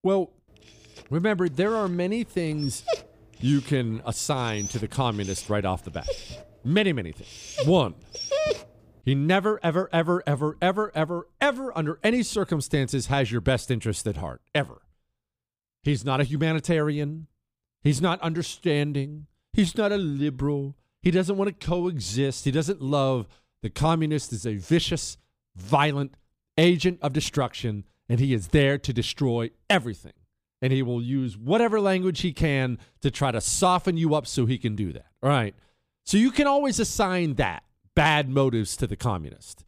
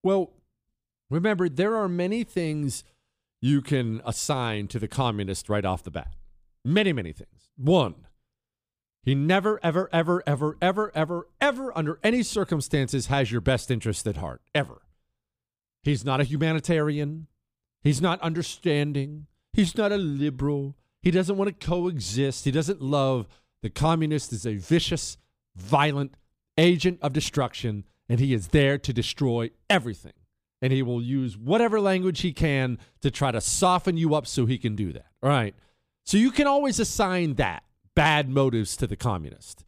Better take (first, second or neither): second